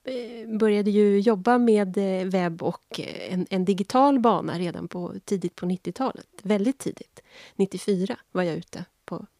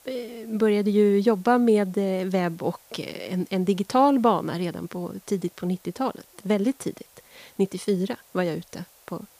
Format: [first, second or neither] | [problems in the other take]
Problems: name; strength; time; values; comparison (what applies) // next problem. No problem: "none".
first | hiss; faint; throughout; 30 dB below the speech